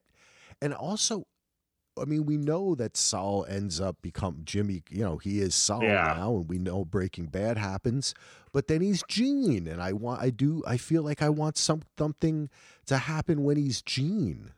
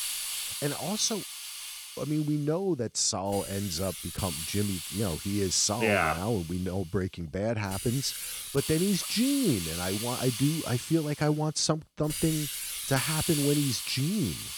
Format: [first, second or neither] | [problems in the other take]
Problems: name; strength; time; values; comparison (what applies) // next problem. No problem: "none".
first | hiss; loud; throughout; 5 dB below the speech